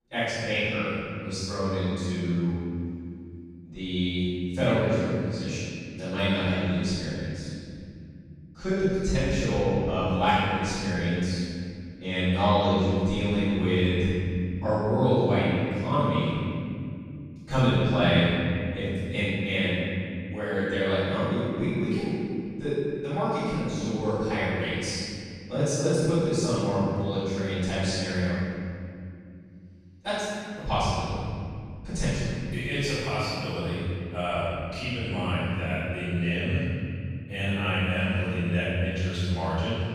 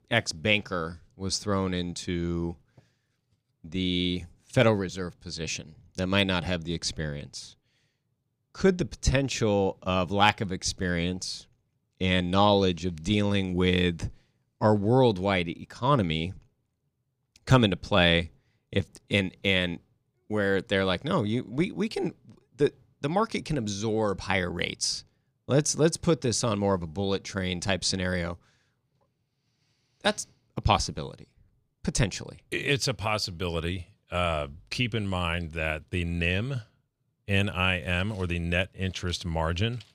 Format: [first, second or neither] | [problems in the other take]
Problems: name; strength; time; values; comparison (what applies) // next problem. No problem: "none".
second | room echo; strong; dies away in 2.8 s // off-mic speech; far